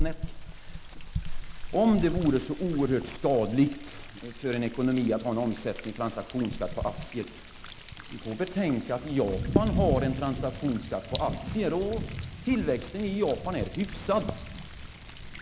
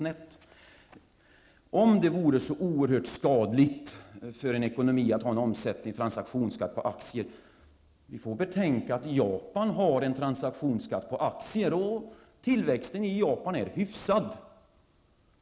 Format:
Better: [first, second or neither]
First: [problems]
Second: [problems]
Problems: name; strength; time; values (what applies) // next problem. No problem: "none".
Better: second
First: background sound (Thunder); 5 dB below the speech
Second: none